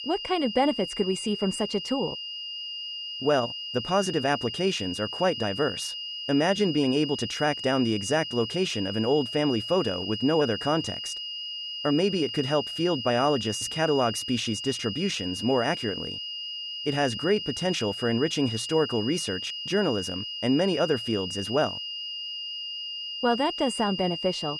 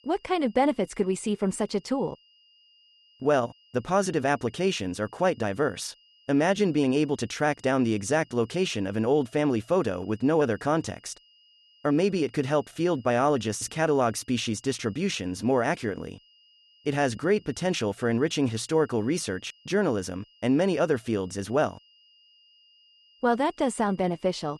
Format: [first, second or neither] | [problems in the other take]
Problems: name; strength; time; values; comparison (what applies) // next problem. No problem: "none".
second | high-pitched whine; loud; throughout; 3 kHz, 6 dB below the speech; faint in the second